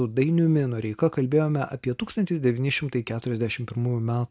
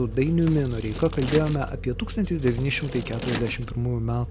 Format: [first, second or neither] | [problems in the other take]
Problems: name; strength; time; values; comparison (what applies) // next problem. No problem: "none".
first | background sound (Scissors + Vehicle); 8 dB below the speech